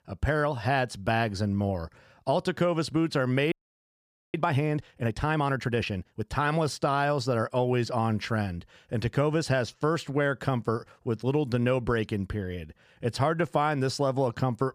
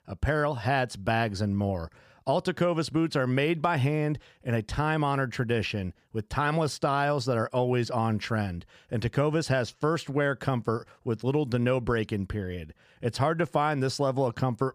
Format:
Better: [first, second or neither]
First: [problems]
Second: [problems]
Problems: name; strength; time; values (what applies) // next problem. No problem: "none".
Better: second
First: audio freezing; at 3.5 s for 1 s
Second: none